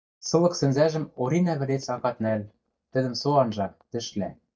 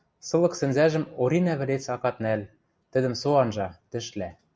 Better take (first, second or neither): second